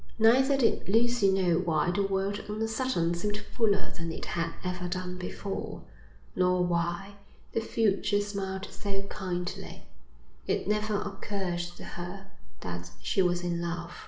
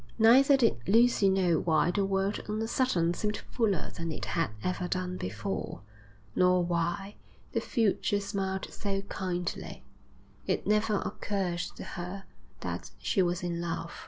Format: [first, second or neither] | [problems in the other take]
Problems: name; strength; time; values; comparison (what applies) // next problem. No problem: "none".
second | room echo; dies away in 0.6 s